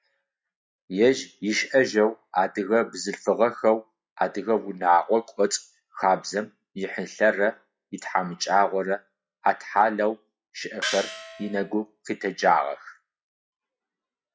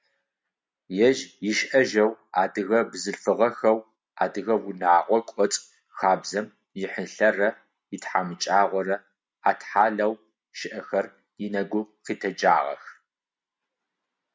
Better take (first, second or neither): second